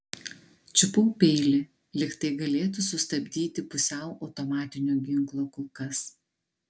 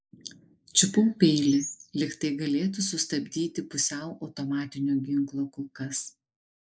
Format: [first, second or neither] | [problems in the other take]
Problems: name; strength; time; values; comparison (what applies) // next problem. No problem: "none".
first | noise reduction (neural mask model Resemble Enhance denoiser)